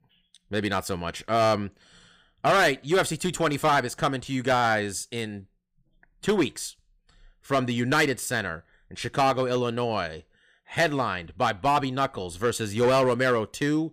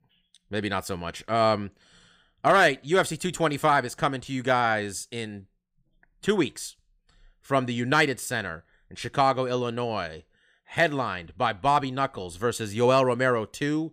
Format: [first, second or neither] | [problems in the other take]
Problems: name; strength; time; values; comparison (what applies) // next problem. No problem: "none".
second | distortion; slight; 5% of the sound clipped